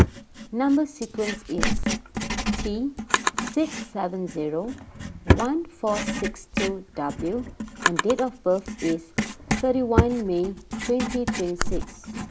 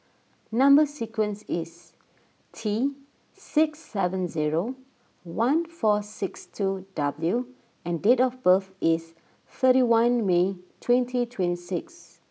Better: second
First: background sound (Drawer open or close + Writing); as loud as the speech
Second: none

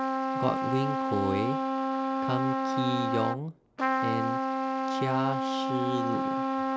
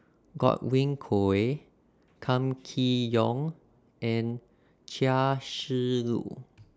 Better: second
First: background sound (Trumpet); 4 dB above the speech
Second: none

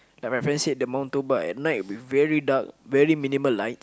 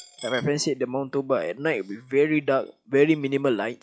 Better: first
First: none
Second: noise reduction (classical method log-MMSE)

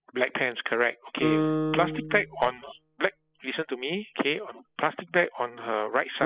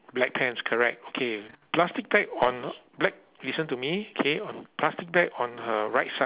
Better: second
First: noise reduction (classical method spectral subtraction)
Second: none

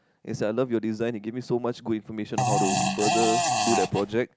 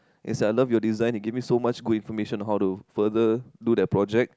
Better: second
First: background sound (Fart); 3 dB above the speech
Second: none

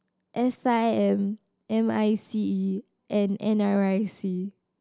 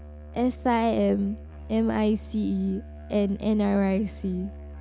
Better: first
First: none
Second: background sound (Musical instrument); 14 dB below the speech

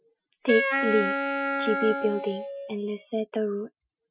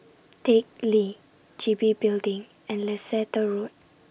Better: second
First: noise reduction (classical method Wiener filter)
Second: none

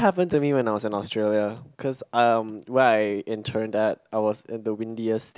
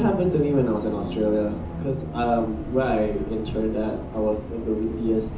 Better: first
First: none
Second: background sound (Bus); 8 dB below the speech // room echo; dies away in 0.6 s

